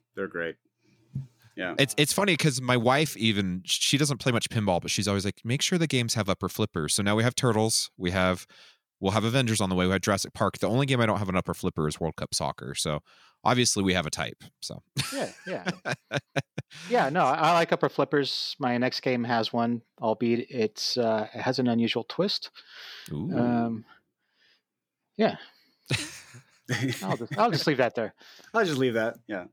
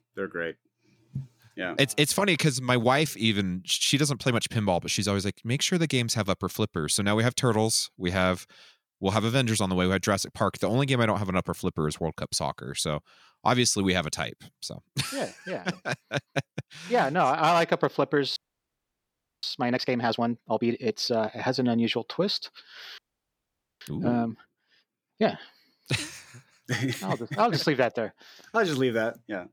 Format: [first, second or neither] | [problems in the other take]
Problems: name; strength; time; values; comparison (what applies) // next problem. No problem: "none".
first | audio freezing; at 18 s for 1 s and at 23 s for 1 s